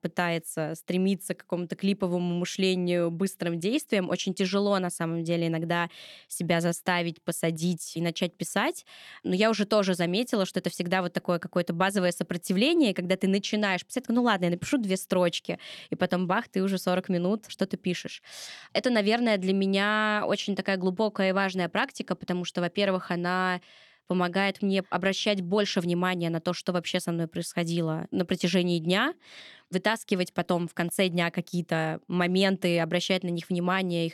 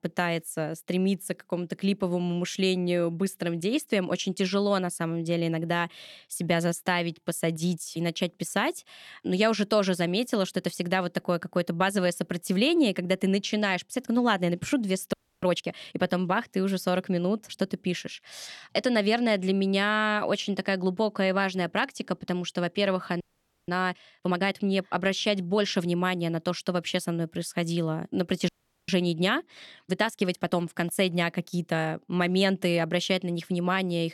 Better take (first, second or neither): first